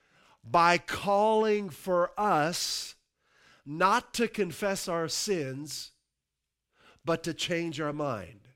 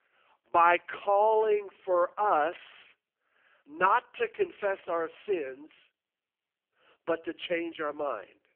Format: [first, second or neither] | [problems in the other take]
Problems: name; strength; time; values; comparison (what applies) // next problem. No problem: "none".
first | phone-call audio; poor line